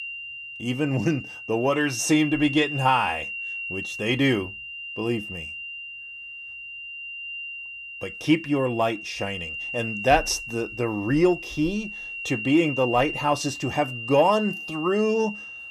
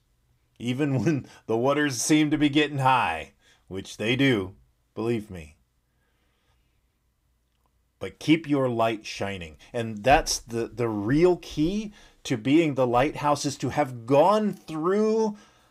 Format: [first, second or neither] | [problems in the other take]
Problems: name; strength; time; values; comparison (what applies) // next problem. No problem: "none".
second | high-pitched whine; loud; throughout; 3 kHz, 8 dB below the speech